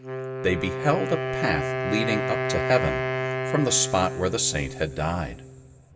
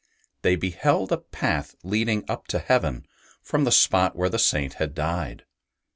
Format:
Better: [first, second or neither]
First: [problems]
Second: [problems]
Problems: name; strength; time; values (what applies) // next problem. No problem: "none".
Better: second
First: background sound (Wind instrument, woodwind instrument); 3 dB below the speech // room echo; dies away in 2.4 s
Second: none